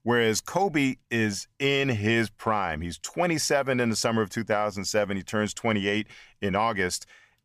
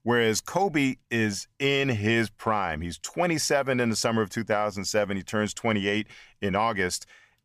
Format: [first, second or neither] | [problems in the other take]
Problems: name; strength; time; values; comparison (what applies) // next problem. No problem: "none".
neither | none